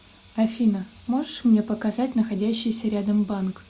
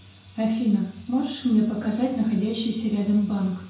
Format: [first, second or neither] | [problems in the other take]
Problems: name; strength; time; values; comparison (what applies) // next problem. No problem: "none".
first | room echo; dies away in 0.5 s